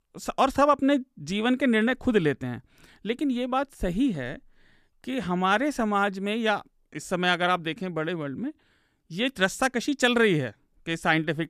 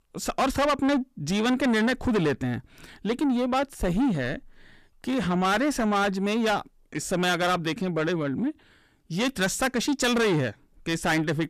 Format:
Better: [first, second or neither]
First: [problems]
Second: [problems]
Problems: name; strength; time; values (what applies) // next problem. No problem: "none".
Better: first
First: none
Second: distortion; heavy; 6 dB below the speech